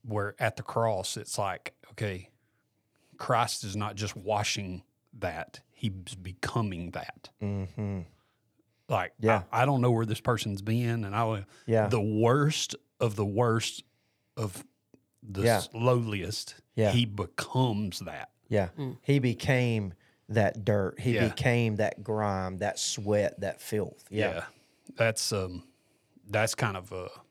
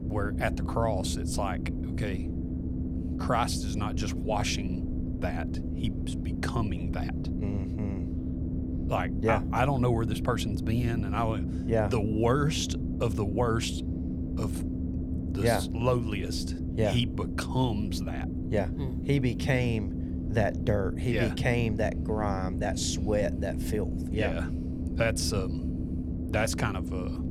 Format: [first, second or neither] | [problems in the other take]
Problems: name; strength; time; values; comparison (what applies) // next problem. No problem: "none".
first | low rumble; loud; throughout; 9 dB below the speech